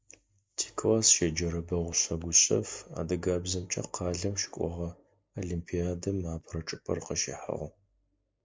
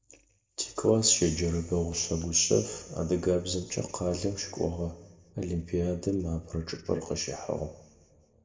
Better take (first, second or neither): first